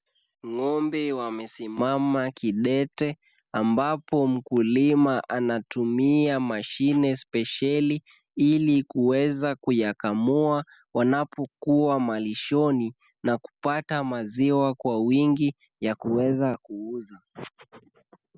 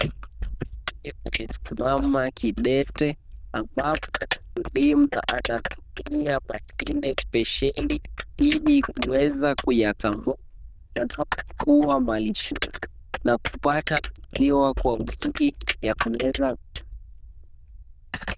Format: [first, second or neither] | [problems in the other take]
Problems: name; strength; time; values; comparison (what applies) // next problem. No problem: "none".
first | noise reduction (neural diffusion model UNIVERSE++)